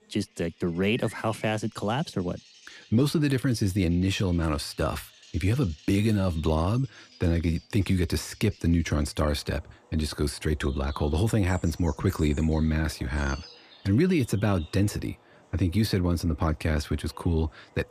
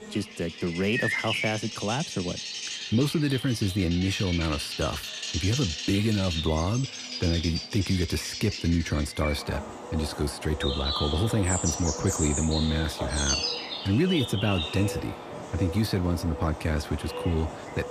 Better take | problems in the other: first | animal sounds; loud; throughout; 4 dB below the speech; faint in the first

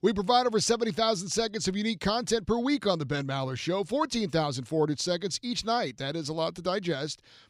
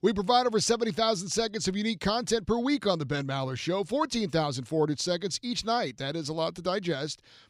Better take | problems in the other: neither | none

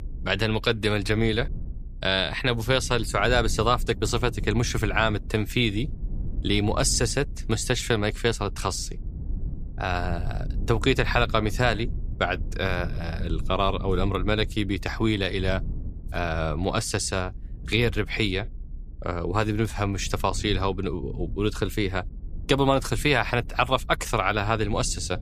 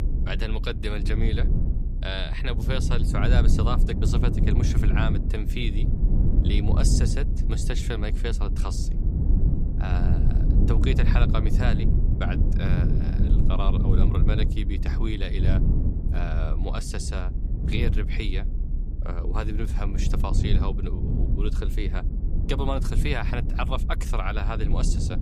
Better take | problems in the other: first | low rumble; loud; throughout; 5 dB below the speech; faint in the first

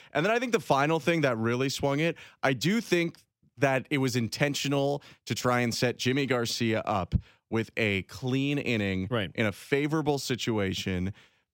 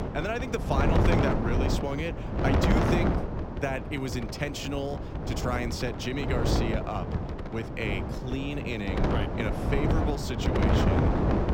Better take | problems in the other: first | wind noise on the microphone; heavy; 1 dB above the speech

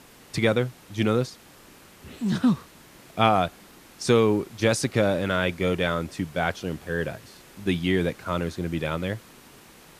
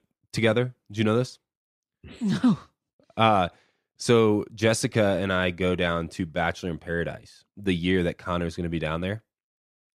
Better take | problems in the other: second | hiss; faint; throughout; 25 dB below the speech

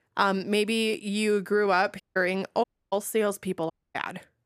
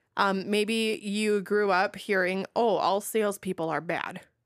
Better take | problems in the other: second | audio cutting out; at 2 s, at 2.5 s and at 3.5 s

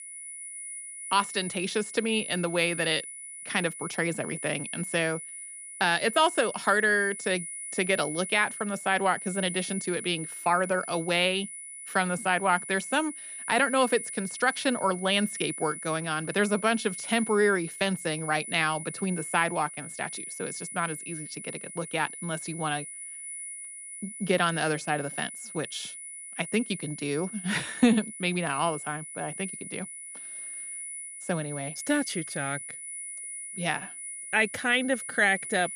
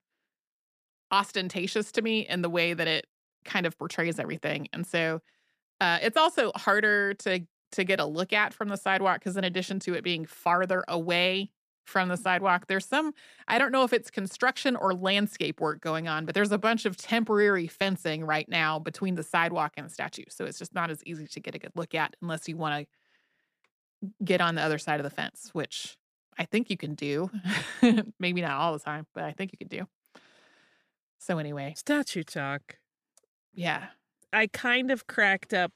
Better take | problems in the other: second | high-pitched whine; loud; throughout; 10 kHz, 9 dB below the speech

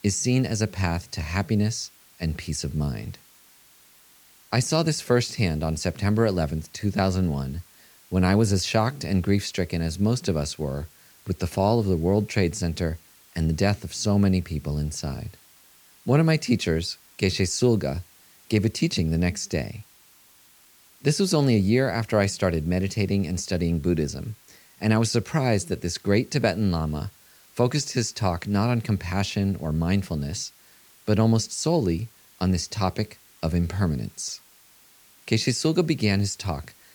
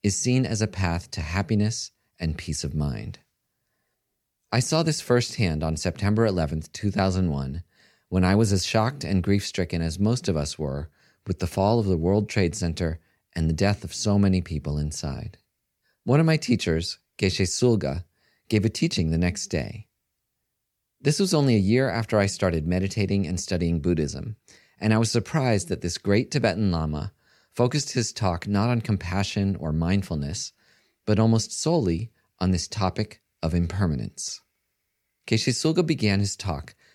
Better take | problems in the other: second | hiss; faint; throughout; 25 dB below the speech

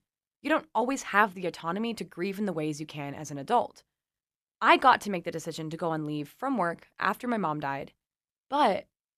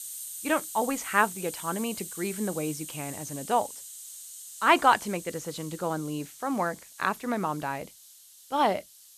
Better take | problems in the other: first | hiss; noticeable; throughout; 10 dB below the speech

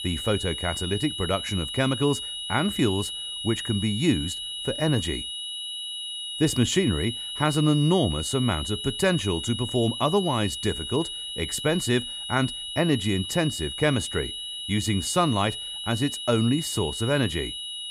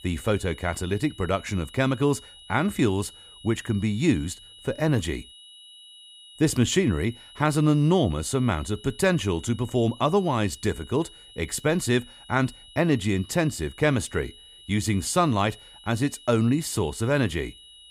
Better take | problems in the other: second | high-pitched whine; loud; throughout; 3 kHz, 5 dB below the speech; faint in the second

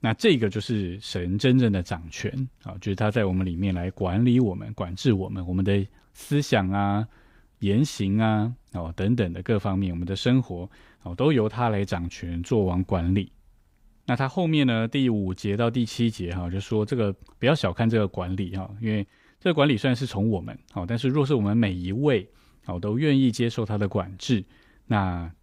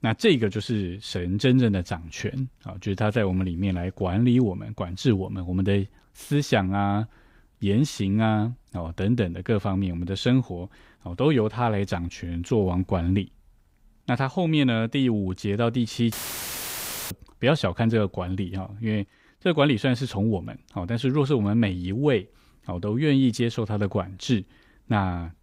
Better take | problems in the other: first | audio cutting out; filled with static; at 16 s for 1 s

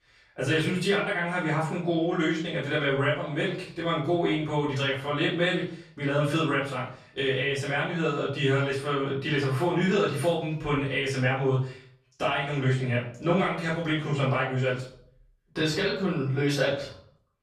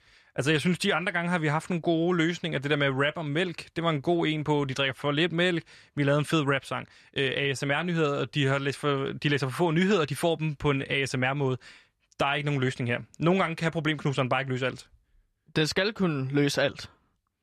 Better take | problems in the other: second | off-mic speech; far // room echo; noticeable; dies away in 0.5 s

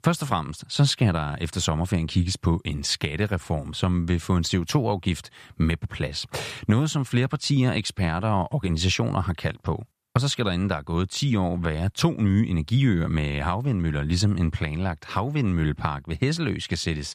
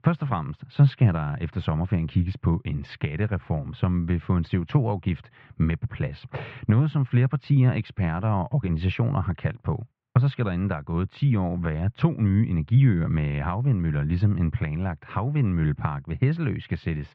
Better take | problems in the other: first | muffled; very; fading above 2.5 kHz

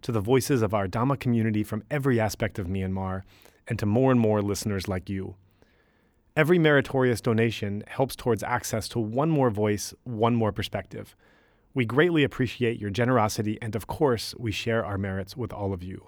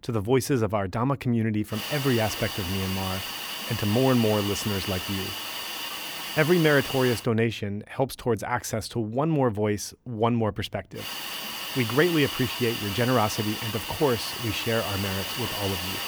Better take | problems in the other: first | hiss; loud; from 2 to 7 s and from 11 s on; 5 dB below the speech

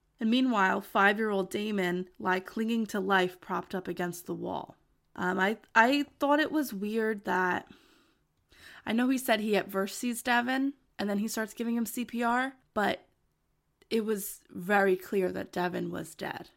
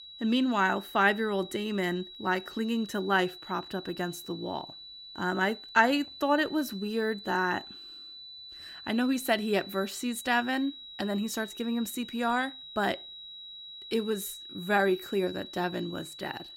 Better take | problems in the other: first | high-pitched whine; noticeable; throughout; 4 kHz, 15 dB below the speech

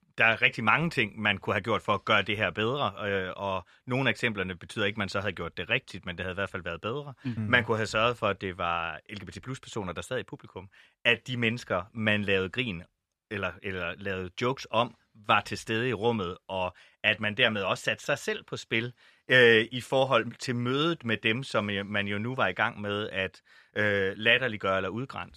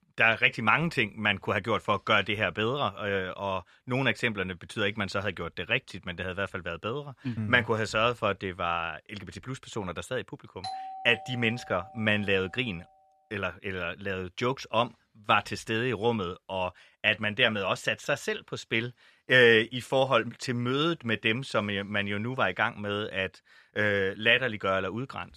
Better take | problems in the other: first | doorbell; noticeable; from 11 to 12 s; peak 10 dB below the speech

